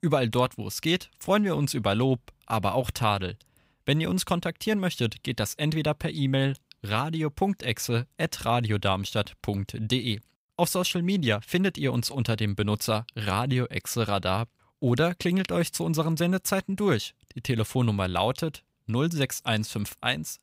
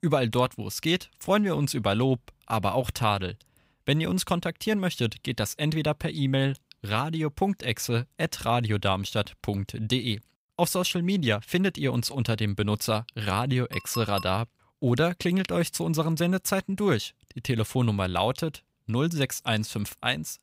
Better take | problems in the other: first | clattering dishes; noticeable; at 14 s; peak 10 dB below the speech

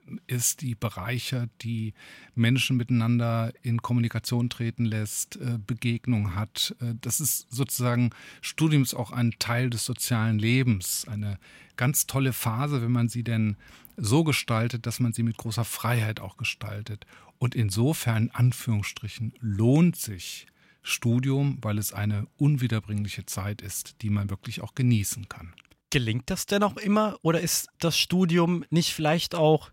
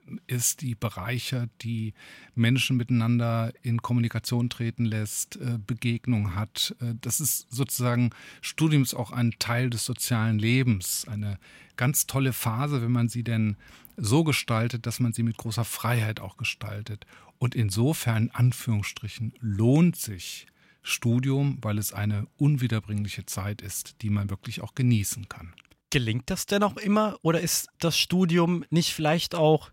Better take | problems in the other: neither | none

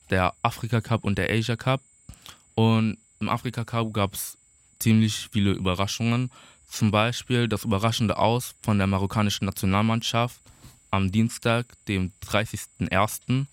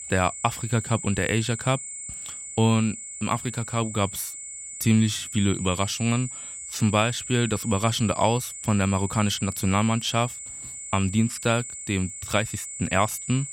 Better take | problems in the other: first | high-pitched whine; loud; throughout; 8 kHz, 9 dB below the speech; faint in the first

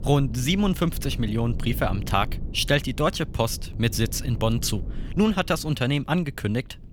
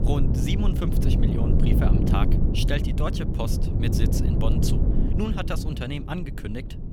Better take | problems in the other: first | wind noise on the microphone; heavy; as loud as the speech; occasional gusts in the first

